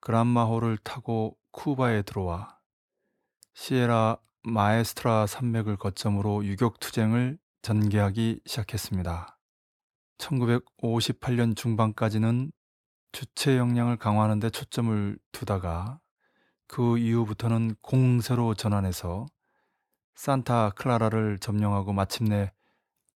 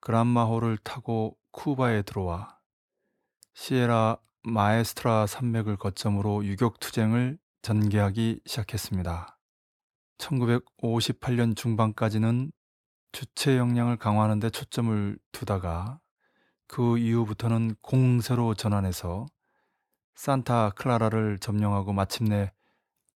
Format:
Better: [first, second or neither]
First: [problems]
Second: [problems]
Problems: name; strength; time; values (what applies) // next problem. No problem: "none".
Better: neither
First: none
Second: none